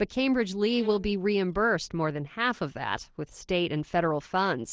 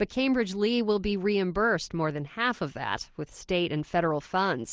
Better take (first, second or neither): second